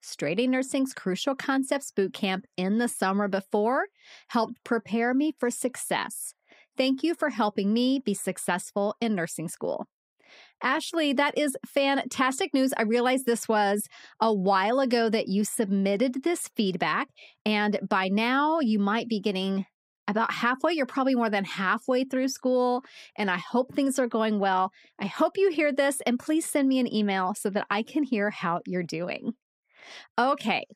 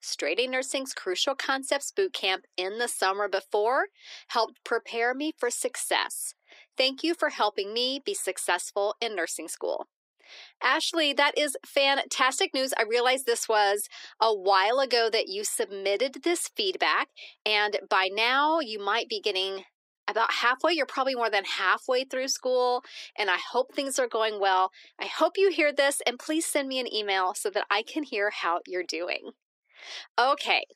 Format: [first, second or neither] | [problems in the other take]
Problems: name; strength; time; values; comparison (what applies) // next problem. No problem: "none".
first | thin; very; fading below 350 Hz